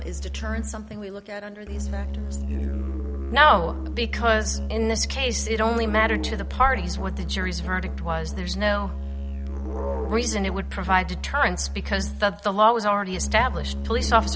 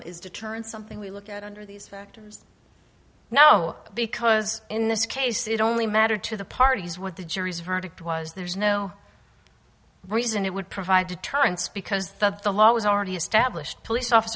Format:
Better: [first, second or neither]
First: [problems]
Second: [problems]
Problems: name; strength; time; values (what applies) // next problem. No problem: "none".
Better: second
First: background sound (Musical instrument); 4 dB below the speech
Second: none